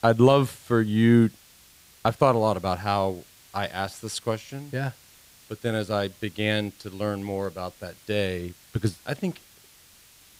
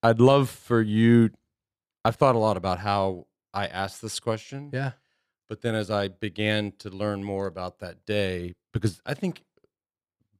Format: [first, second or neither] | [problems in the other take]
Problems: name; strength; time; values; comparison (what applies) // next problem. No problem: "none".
second | hiss; faint; throughout; 25 dB below the speech